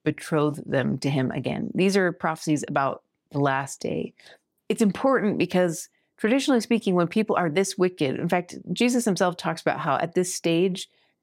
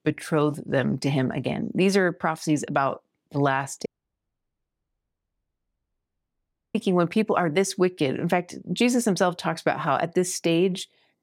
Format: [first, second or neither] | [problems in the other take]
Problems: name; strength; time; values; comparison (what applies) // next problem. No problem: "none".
first | audio cutting out; at 4 s for 3 s